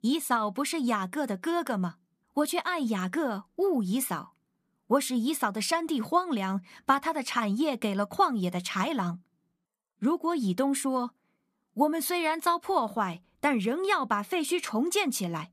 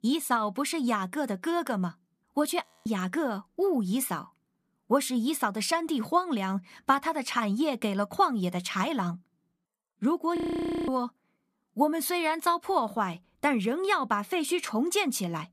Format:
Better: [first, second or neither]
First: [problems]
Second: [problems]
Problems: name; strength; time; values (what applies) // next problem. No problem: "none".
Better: first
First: none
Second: audio freezing; at 2.5 s and at 10 s for 0.5 s